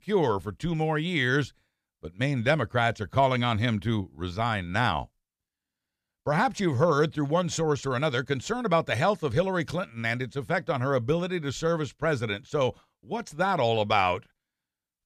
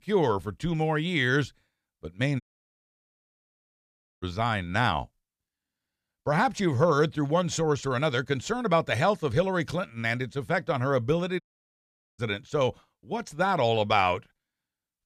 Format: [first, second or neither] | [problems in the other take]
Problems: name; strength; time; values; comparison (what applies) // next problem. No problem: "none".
first | audio cutting out; at 2.5 s for 2 s and at 11 s for 1 s